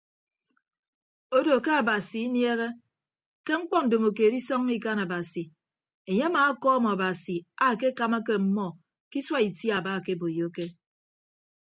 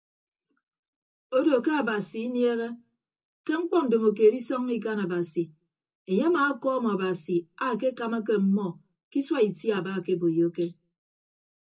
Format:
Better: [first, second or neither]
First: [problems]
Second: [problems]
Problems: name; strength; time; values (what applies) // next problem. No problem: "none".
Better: first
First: none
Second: room echo; dies away in 0.2 s